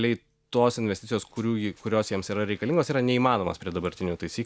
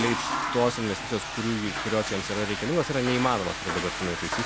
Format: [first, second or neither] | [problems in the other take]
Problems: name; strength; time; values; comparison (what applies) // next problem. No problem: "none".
first | background sound (Toilet flush / Water); 4 dB below the speech